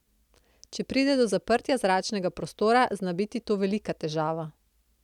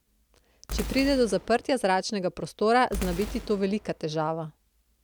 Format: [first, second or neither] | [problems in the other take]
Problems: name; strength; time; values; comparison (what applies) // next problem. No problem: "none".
first | background sound (Boom); 12 dB below the speech